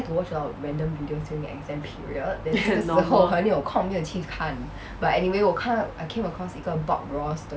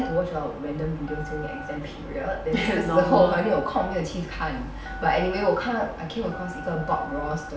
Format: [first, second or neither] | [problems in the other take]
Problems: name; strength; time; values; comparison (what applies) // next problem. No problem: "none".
first | background sound (Telephone); 15 dB below the speech // room echo; dies away in 0.5 s